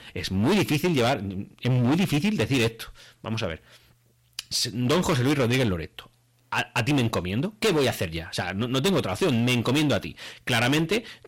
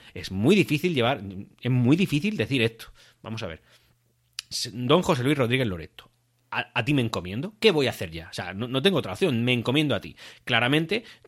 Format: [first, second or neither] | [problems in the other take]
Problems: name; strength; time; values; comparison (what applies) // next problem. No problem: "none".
second | distortion; heavy; 14% of the sound clipped